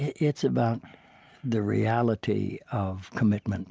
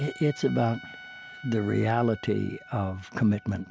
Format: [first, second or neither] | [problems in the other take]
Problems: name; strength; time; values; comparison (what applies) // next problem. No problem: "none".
first | background sound (Trumpet); 19 dB below the speech